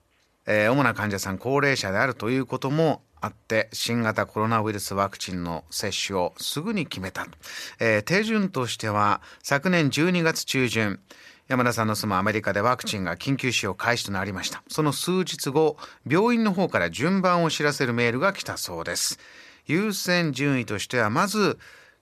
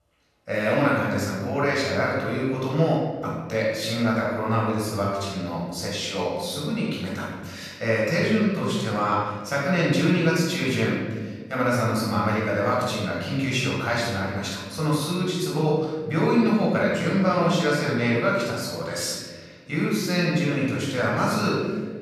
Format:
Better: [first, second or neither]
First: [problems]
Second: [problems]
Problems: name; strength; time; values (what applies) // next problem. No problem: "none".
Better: first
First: none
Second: room echo; strong; dies away in 1.5 s // off-mic speech; far